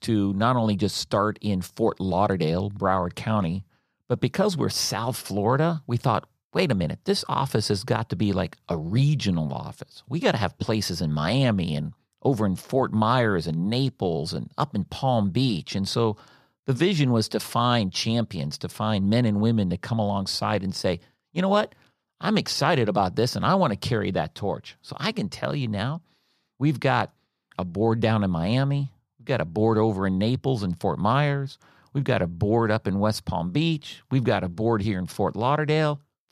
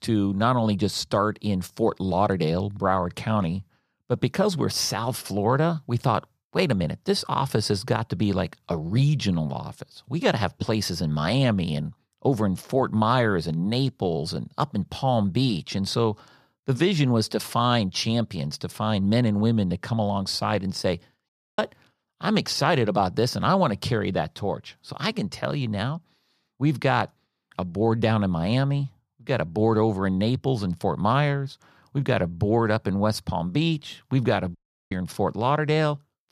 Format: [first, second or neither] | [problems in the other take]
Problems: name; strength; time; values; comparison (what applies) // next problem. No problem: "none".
first | audio cutting out; at 21 s and at 35 s